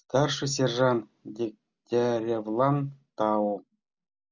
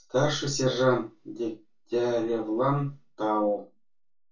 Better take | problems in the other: first | room echo; dies away in 0.2 s

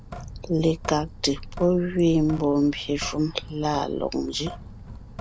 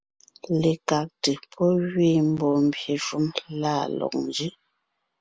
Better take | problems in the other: second | background sound (Drip / Sink (filling or washing)); 13 dB below the speech

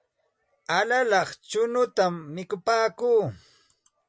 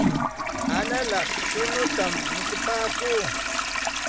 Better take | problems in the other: first | background sound (Toilet flush); 4 dB above the speech

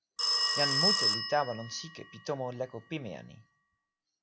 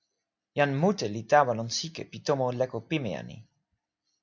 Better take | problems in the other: second | background sound (Telephone); 4 dB above the speech

